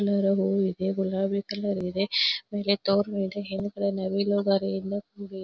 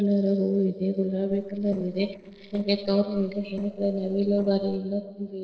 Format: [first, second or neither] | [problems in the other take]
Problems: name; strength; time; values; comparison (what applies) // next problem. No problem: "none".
first | noise reduction (neural separator model SepFormer DNS4)